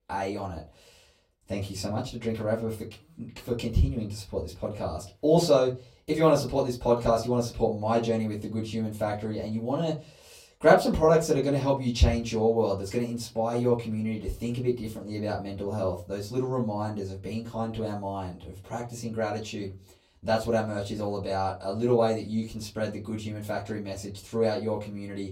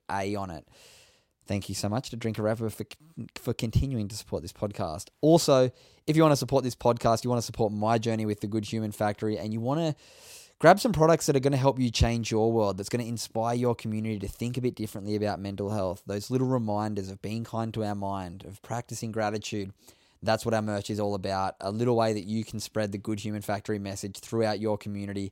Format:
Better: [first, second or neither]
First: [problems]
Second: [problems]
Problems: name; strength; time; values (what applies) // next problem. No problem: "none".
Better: second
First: off-mic speech; far // room echo; very slight; dies away in 0.2 s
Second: none